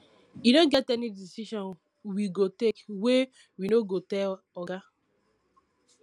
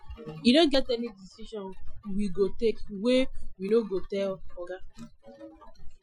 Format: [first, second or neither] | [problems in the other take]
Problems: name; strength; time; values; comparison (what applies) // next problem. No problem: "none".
first | noise reduction (classical method Wiener filter)